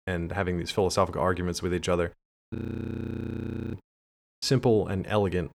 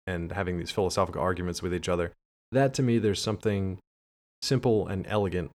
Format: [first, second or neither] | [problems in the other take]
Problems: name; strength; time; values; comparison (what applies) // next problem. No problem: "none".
second | audio freezing; at 2.5 s for 1 s